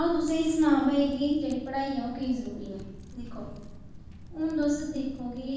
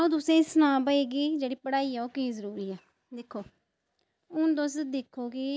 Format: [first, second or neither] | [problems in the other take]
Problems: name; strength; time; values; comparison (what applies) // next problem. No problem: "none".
second | background sound (Typing); 14 dB below the speech // room echo; dies away in 1.2 s